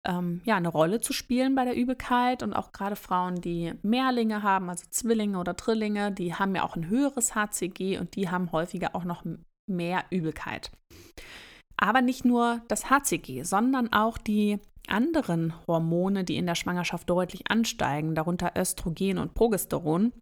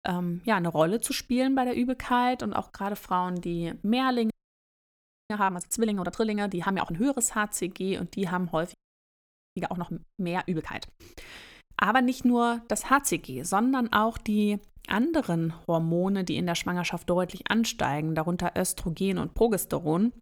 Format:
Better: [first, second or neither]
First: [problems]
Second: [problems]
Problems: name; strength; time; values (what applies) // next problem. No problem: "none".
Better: first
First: none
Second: audio freezing; at 4.5 s for 1 s and at 8.5 s for 1 s